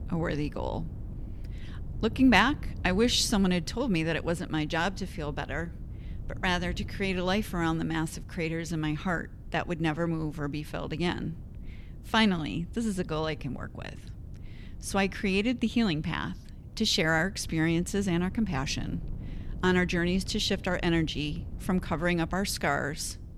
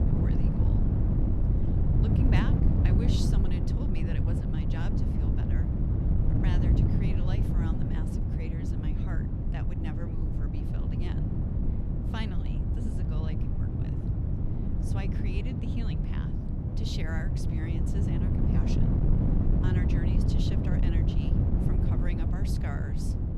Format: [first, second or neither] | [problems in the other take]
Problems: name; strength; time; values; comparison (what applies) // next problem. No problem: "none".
first | wind noise on the microphone; heavy; 4 dB above the speech; occasional gusts in the first